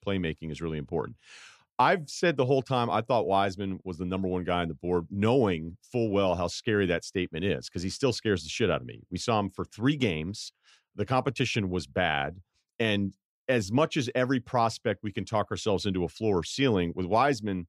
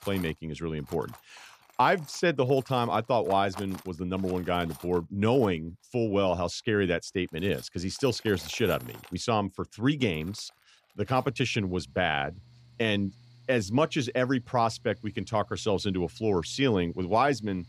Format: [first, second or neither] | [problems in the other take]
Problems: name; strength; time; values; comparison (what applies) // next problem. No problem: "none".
first | machinery noise; faint; throughout; 25 dB below the speech